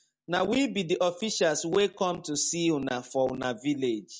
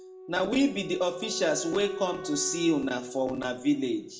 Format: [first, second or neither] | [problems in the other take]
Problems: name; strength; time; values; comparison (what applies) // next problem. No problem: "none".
first | background sound (Wind instrument, woodwind instrument); 13 dB below the speech // room echo; dies away in 0.6 s